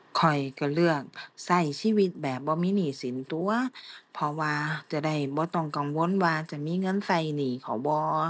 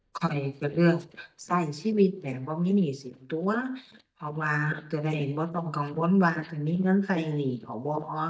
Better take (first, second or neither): first